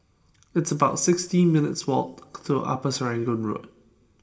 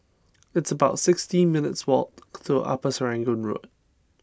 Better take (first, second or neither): second